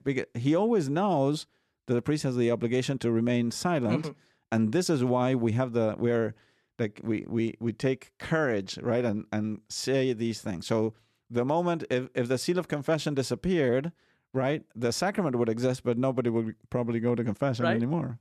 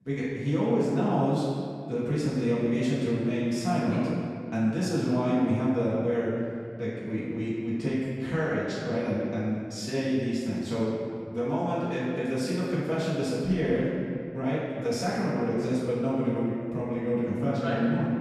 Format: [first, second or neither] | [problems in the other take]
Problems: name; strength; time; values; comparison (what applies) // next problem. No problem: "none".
first | room echo; strong; dies away in 2 s // off-mic speech; far